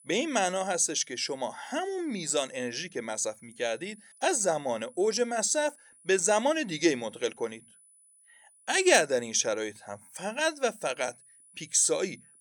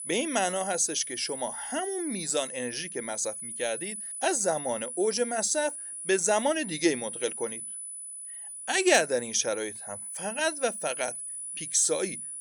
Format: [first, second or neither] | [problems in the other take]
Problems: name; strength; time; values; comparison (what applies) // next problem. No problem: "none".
first | high-pitched whine; loud; throughout; 10 kHz, 7 dB below the speech; faint in the first